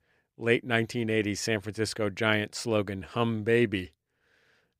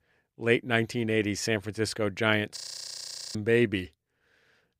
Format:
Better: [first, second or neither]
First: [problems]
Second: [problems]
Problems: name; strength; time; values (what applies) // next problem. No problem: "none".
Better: first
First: none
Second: audio freezing; at 2.5 s for 1 s